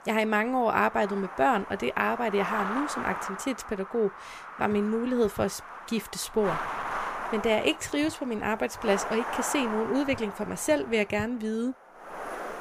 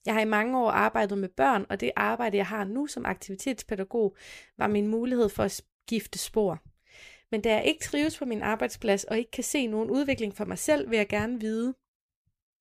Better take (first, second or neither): second